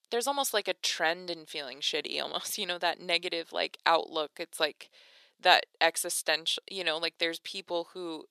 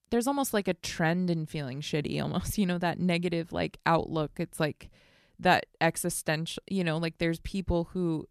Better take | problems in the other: second | thin; very; fading below 450 Hz

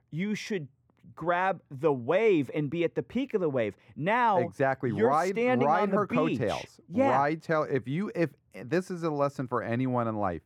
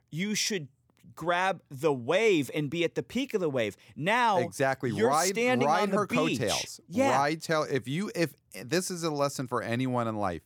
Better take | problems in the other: second | muffled; very; fading above 3 kHz

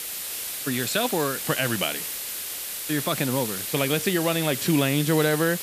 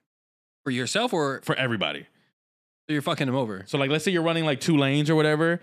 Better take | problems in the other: second | hiss; loud; throughout; 4 dB below the speech

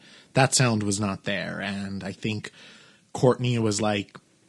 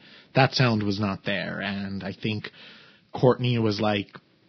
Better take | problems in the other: first | garbled, watery; badly; nothing above 5.5 kHz; slightly in the first

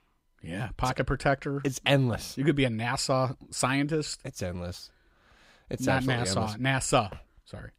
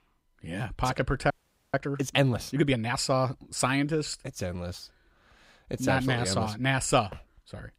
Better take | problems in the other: first | audio freezing; at 1.5 s

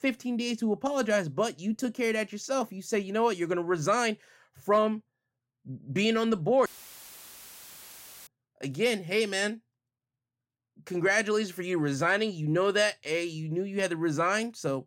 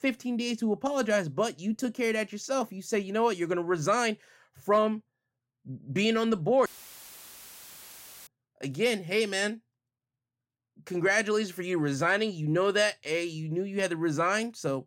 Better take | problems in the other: neither | audio cutting out; filled with static; at 6.5 s for 1.5 s; the same in both

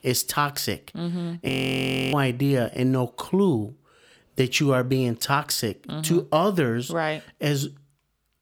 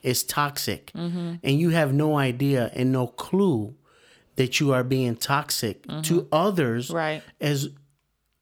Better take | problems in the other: second | audio freezing; at 1.5 s for 0.5 s

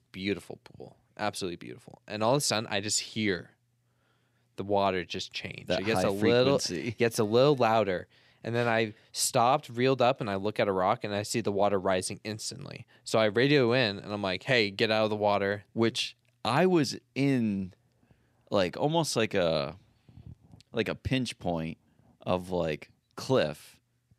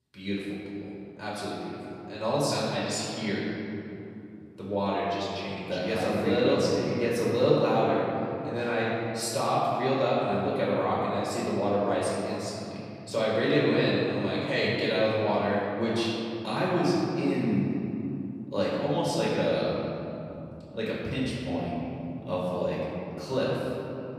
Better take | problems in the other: first | off-mic speech; far // room echo; strong; dies away in 3 s

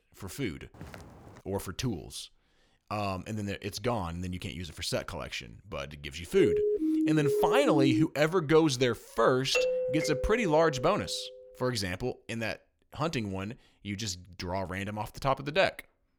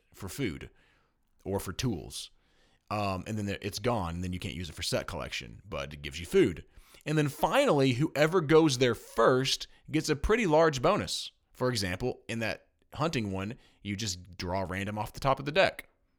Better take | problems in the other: second | footsteps; faint; at 0.5 s; peak 15 dB below the speech // siren; loud; from 6.5 to 8 s; peak 3 dB above the speech // doorbell; loud; from 9.5 to 11 s; peak 2 dB above the speech

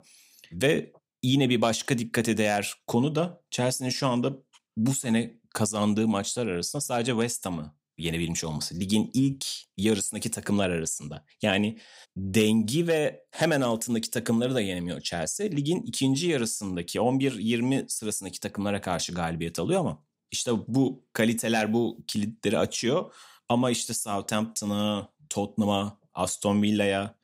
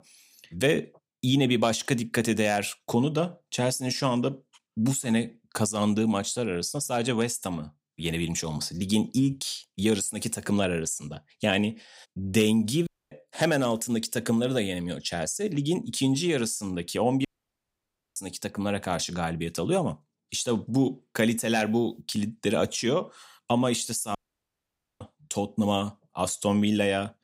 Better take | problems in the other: first | audio cutting out; at 13 s, at 17 s for 1 s and at 24 s for 1 s

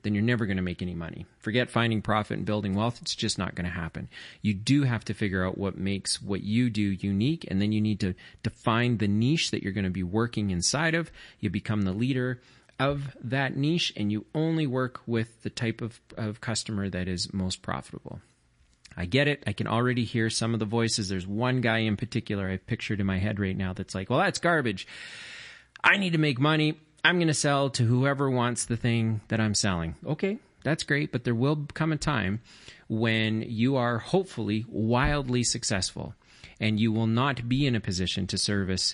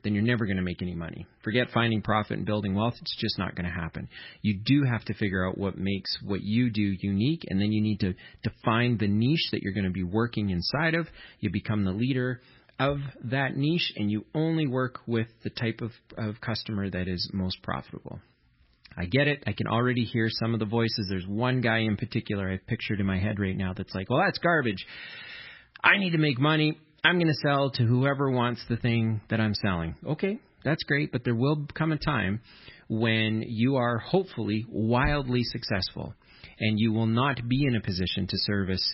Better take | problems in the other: first | garbled, watery; badly; nothing above 5.5 kHz; slightly in the first

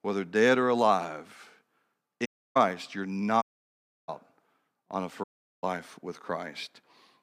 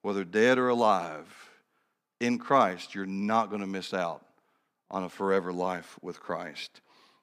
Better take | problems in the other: second | audio cutting out; at 2.5 s, at 3.5 s for 0.5 s and at 5 s

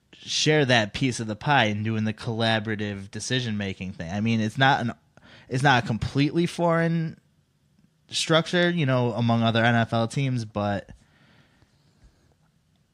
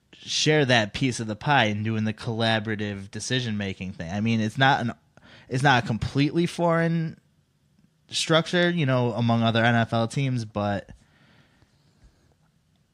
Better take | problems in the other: neither | none

